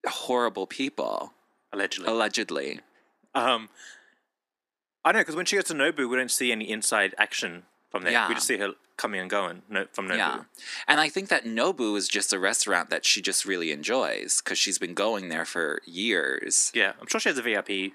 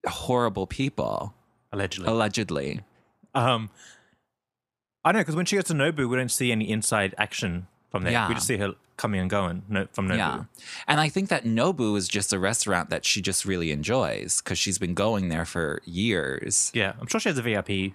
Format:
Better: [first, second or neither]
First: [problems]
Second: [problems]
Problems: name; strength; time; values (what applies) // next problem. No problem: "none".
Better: second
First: thin; somewhat; fading below 300 Hz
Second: none